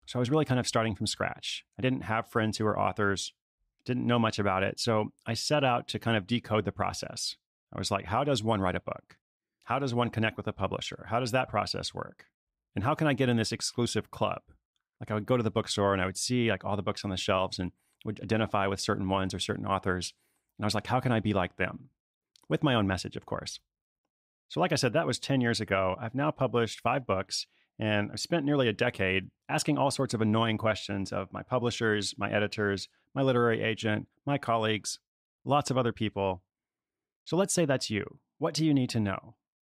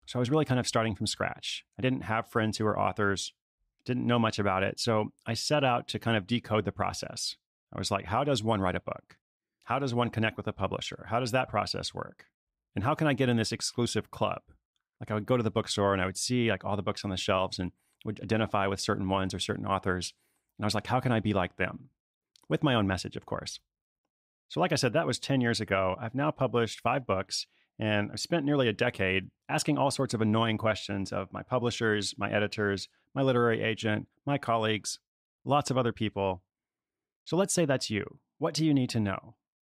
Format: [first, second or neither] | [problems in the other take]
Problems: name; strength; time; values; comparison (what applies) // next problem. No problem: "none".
neither | none